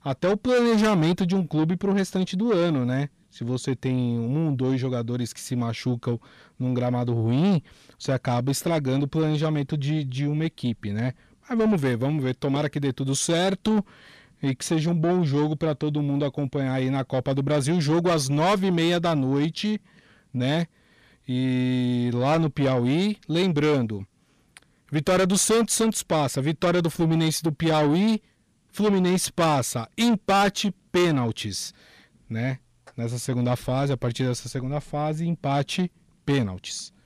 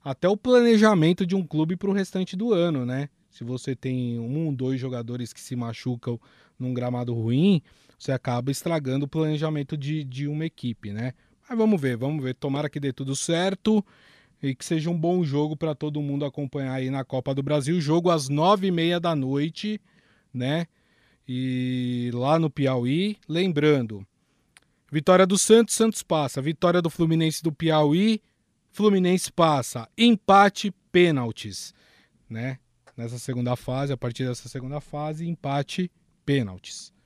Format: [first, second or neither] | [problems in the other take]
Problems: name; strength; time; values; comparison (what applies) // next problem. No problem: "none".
second | distortion; heavy; 8 dB below the speech